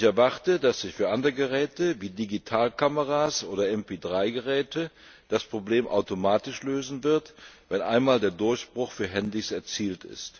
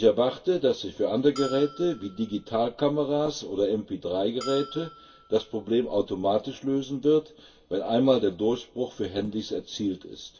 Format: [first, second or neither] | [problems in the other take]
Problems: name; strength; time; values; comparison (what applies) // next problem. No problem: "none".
first | background sound (Bell); 18 dB below the speech // room echo; dies away in 0.2 s